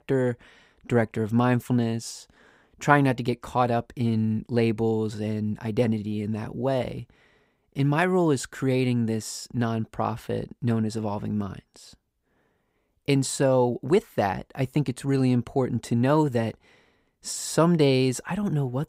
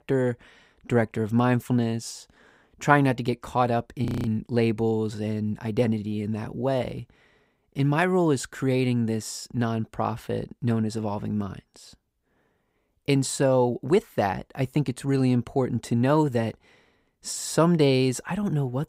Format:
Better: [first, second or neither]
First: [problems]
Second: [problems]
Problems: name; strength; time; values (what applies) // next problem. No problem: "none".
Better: first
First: none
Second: audio freezing; at 4 s